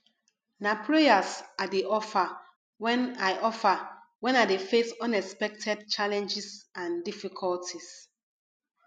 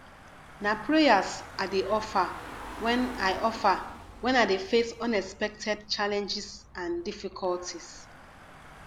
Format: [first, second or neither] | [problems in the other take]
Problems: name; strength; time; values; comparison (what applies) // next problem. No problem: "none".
first | background sound (Engine / Car); 16 dB below the speech